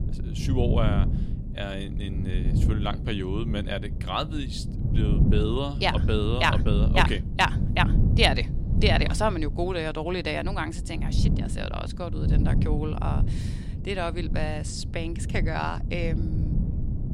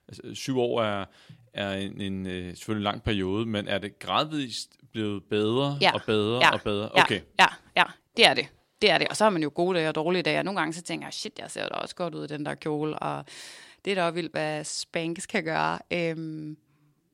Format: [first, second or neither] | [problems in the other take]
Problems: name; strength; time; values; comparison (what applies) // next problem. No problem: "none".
second | wind noise on the microphone; occasional gusts; 10 dB below the speech